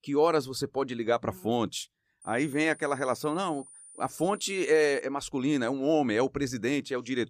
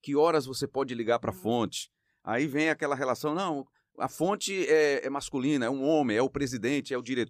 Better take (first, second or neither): second